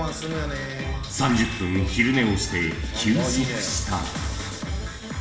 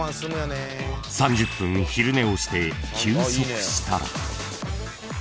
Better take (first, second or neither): second